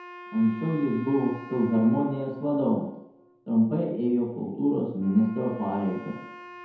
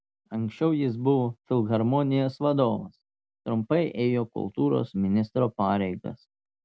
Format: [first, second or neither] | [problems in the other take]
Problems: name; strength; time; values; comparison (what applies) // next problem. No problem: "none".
second | background sound (Wind instrument, woodwind instrument); 20 dB below the speech // room echo; dies away in 0.9 s